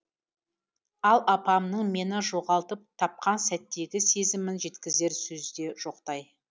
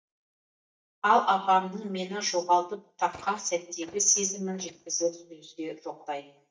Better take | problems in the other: first | noise reduction (neural mask model DeepFilterNet 3)

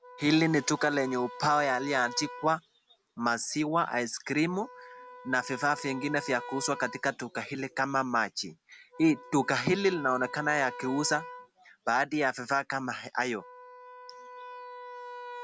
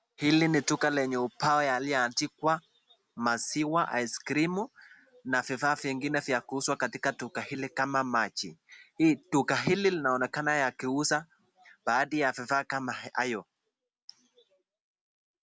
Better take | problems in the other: second | background sound (Wind instrument, woodwind instrument); 16 dB below the speech

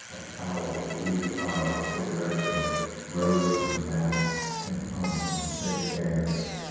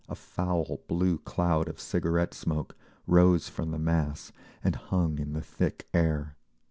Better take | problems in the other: second | background sound (Bicycle); 5 dB below the speech // room echo; dies away in 2.2 s

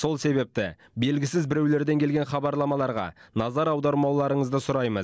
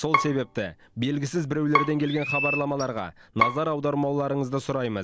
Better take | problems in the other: first | background sound (Bowed string instrument + Chirp, tweet); 4 dB below the speech

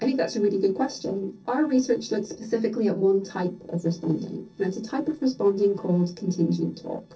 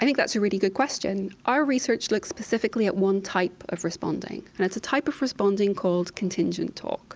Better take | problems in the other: second | noise reduction (neural separator model SepFormer DNS4)

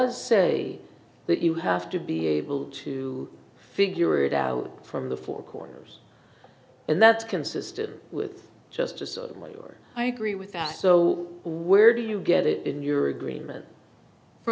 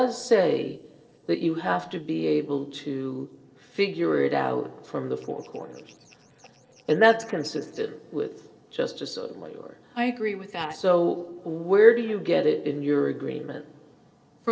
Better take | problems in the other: first | noise reduction (neural separator model SepFormer DNS4)

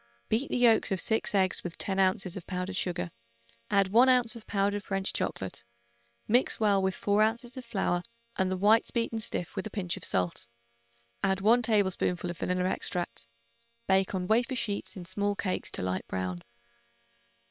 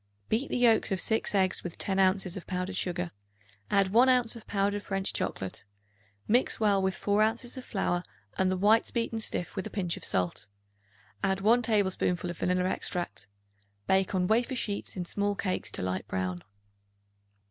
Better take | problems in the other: second | noise reduction (neural separator model SepFormer WHAM!)

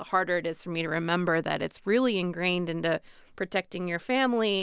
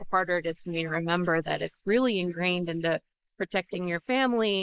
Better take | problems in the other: first | noise reduction (neural mask model Resemble Enhance denoiser)

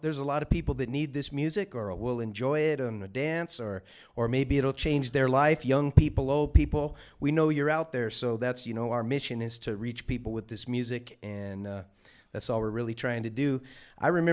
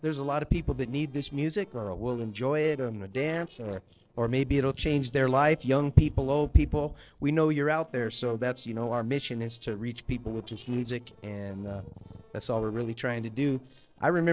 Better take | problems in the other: first | noise reduction (neural separator model SepFormer DNS4)

